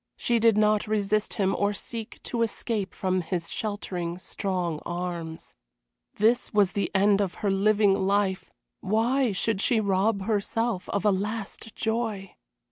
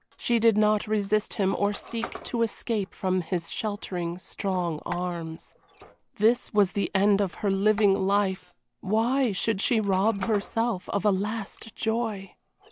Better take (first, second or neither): first